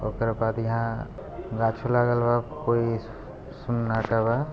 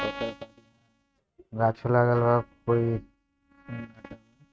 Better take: first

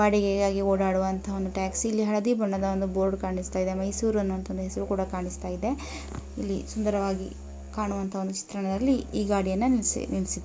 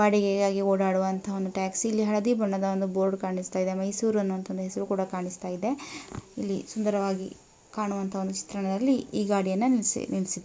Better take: second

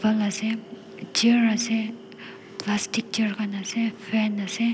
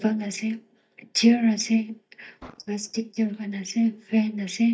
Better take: first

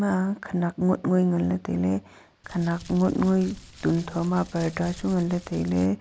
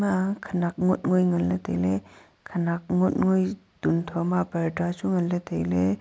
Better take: second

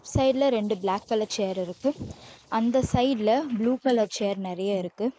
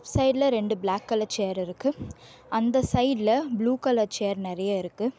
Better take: second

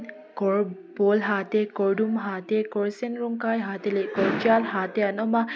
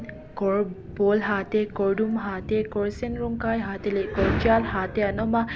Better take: first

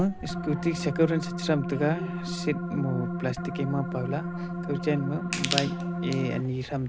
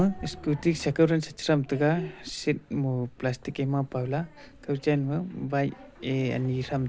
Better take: second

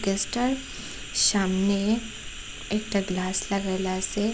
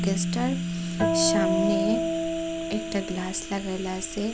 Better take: first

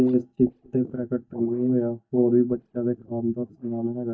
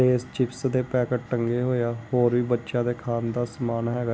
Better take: second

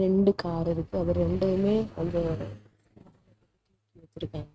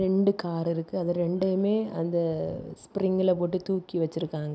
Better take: second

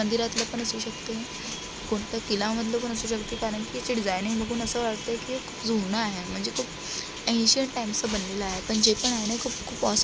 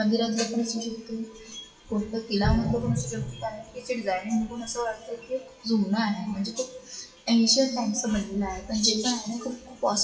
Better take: first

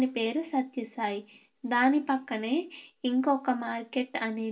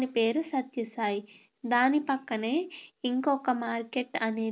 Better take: second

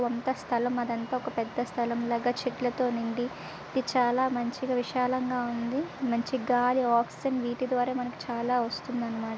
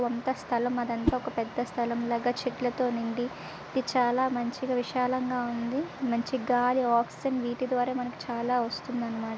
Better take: first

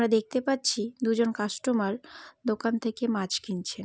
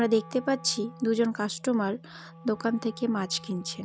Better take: first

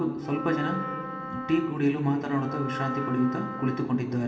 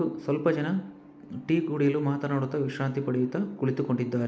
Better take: second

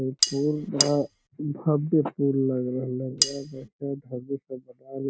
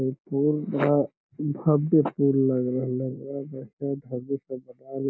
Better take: second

